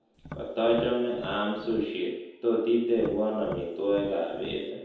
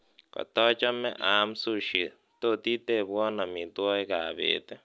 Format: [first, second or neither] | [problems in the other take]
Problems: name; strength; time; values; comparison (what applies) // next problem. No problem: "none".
second | background sound (Tap); 16 dB below the speech // room echo; dies away in 0.9 s